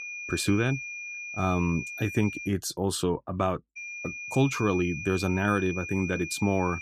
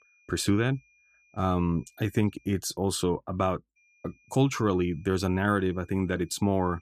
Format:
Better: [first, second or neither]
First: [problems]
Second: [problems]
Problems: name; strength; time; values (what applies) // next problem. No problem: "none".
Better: second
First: high-pitched whine; loud; until 2.5 s and from 4 s on; 2.5 kHz, 8 dB below the speech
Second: high-pitched whine; faint; until 2.5 s and from 4 s on; 2.5 kHz, 35 dB below the speech